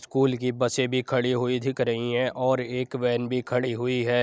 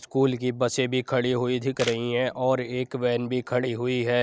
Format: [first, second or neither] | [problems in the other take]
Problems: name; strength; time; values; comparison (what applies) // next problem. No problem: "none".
first | background sound (Camera); 15 dB below the speech